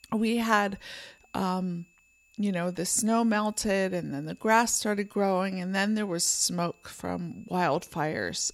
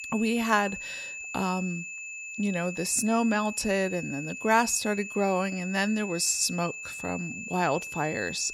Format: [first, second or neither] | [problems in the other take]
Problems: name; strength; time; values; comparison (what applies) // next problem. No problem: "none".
first | high-pitched whine; loud; throughout; 2.5 kHz, 9 dB below the speech; faint in the first